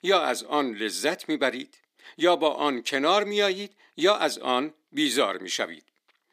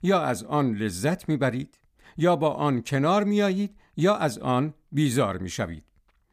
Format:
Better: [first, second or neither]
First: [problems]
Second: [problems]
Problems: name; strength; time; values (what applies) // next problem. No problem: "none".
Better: second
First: thin; somewhat; fading below 300 Hz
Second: none